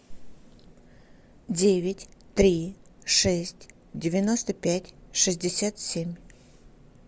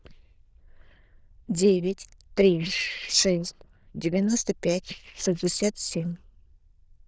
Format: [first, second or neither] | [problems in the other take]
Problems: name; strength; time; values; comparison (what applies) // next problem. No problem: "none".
first | noise reduction (neural diffusion model UNIVERSE++)